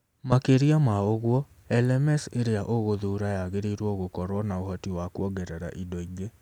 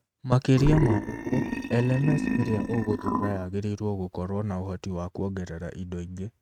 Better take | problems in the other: first | noise reduction (neural mask model RNNoise)

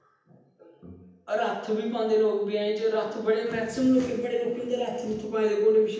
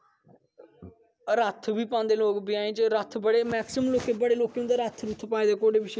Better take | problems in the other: second | room echo; dies away in 0.9 s

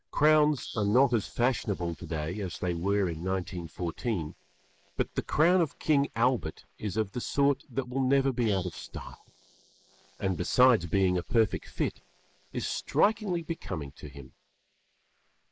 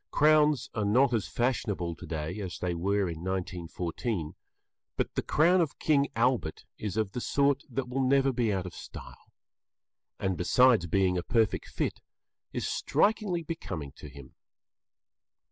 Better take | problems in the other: second | noise reduction (neural mask model Resemble Enhance denoiser)

